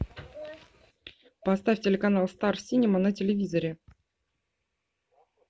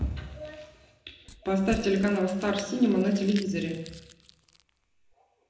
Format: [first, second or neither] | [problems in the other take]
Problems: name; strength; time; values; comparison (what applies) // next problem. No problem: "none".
first | background sound (Crumpling, crinkling / Crushing); 16 dB below the speech // room echo; dies away in 0.9 s